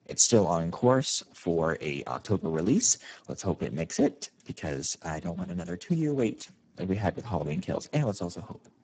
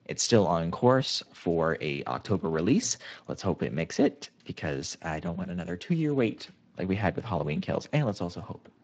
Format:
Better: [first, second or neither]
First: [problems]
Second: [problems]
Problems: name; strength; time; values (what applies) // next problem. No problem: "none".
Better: second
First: garbled, watery; badly; nothing above 7.5 kHz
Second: garbled, watery; slightly; nothing above 7.5 kHz